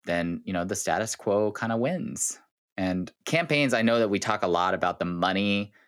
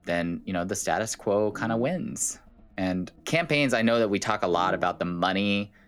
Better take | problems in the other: first | low rumble; faint; throughout; 20 dB below the speech

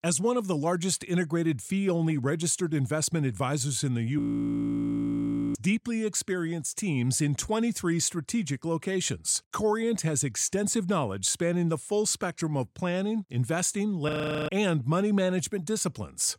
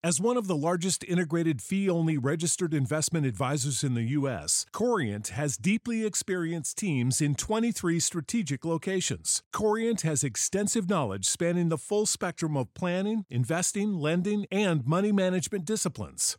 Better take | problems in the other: second | audio freezing; at 4 s for 1.5 s and at 14 s

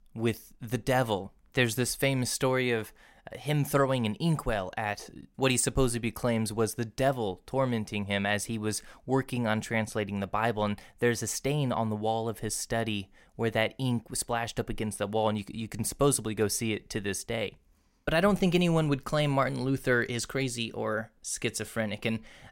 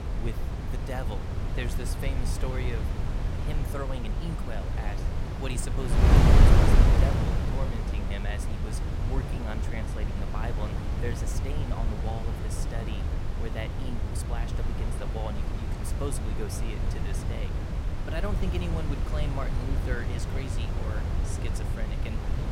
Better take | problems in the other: first | wind noise on the microphone; heavy; 2 dB above the speech

